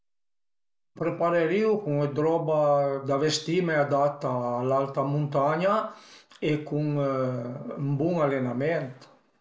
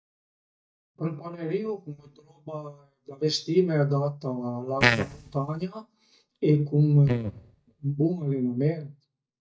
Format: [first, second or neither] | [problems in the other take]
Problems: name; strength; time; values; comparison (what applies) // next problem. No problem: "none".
first | noise reduction (neural mask model DeepFilterNet 3)